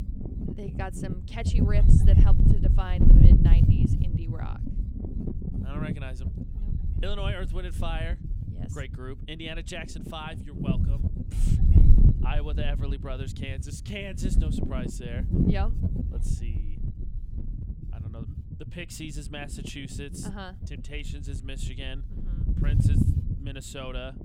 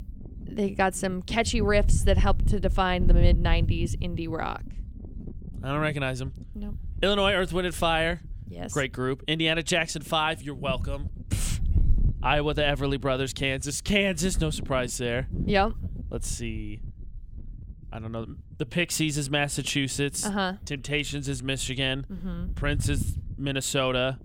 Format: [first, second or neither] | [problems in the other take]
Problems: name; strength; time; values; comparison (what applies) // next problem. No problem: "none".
second | wind noise on the microphone; heavy; as loud as the speech; occasional gusts in the second